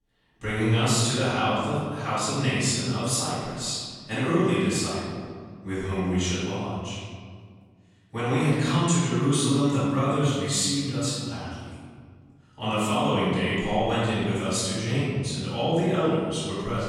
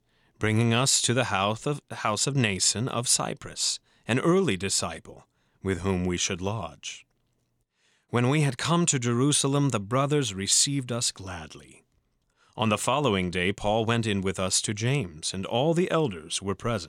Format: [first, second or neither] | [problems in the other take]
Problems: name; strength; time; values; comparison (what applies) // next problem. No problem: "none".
second | off-mic speech; far // room echo; strong; dies away in 1.8 s